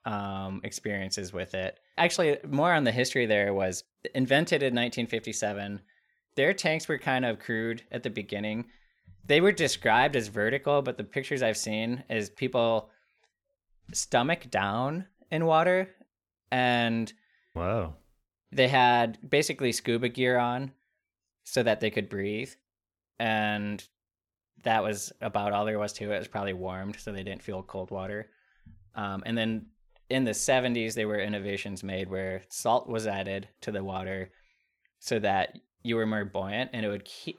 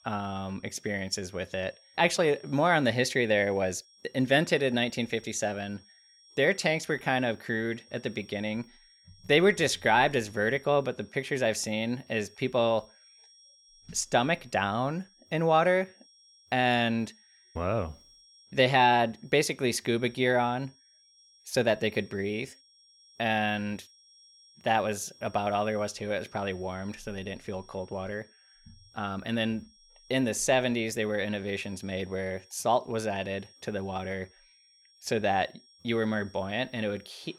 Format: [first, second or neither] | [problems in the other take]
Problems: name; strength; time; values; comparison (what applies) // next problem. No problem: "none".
first | high-pitched whine; faint; throughout; 5.5 kHz, 30 dB below the speech